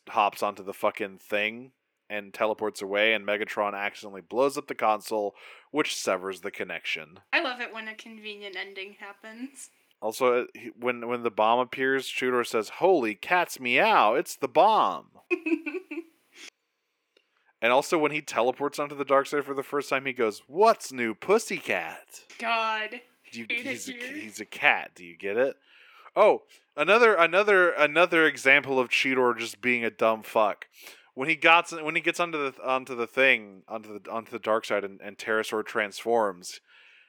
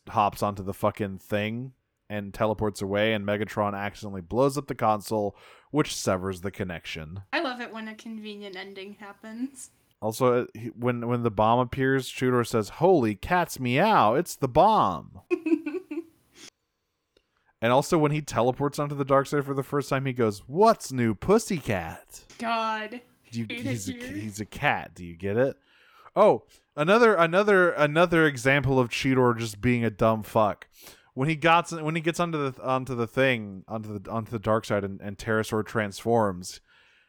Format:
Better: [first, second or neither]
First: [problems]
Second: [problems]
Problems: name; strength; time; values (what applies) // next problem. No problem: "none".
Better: second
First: thin; somewhat; fading below 350 Hz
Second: none